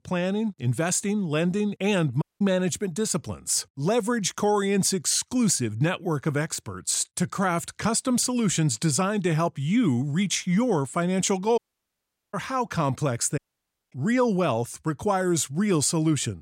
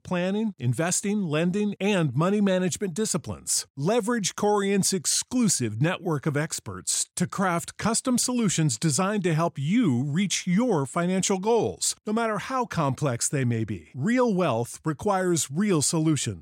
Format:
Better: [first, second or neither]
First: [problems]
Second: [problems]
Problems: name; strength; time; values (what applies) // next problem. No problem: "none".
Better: second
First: audio cutting out; at 2 s, at 12 s for 1 s and at 13 s for 0.5 s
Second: none